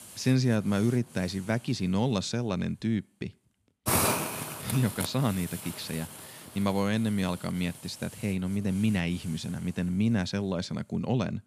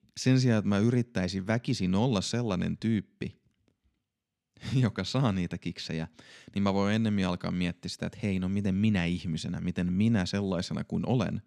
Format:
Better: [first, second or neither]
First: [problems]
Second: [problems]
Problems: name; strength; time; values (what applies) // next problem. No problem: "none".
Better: second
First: hiss; loud; throughout; 5 dB below the speech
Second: none